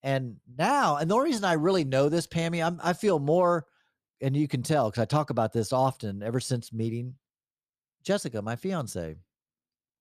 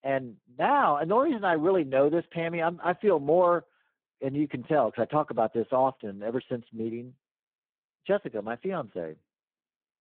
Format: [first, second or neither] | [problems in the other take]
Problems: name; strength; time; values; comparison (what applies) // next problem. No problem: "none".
first | phone-call audio; poor line